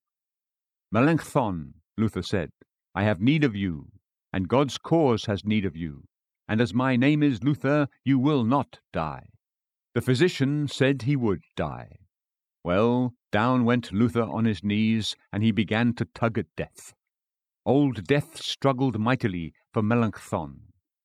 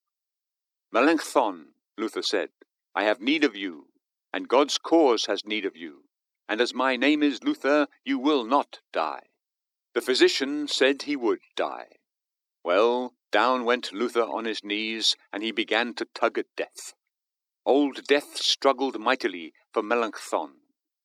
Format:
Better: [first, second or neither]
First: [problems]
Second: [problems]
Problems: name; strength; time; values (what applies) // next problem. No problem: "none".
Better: first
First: none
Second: thin; somewhat; fading below 300 Hz